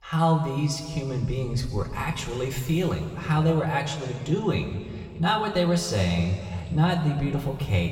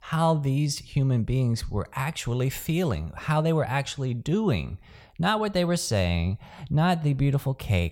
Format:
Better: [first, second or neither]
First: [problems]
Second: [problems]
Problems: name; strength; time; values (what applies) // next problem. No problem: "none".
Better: second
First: room echo; slight; dies away in 2.1 s // off-mic speech; somewhat distant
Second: none